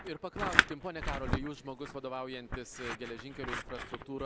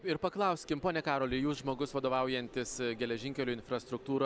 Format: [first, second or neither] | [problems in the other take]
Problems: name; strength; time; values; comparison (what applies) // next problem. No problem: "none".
second | background sound (Scissors); 5 dB above the speech